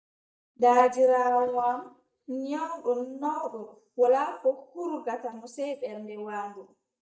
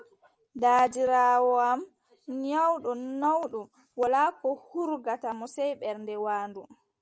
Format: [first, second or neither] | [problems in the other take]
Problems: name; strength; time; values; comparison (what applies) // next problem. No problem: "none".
second | noise reduction (neural mask model DeepFilterNet 3)